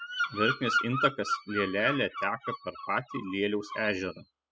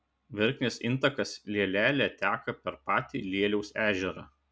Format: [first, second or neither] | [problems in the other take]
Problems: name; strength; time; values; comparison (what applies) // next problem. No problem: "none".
second | noise reduction (classical method spectral subtraction)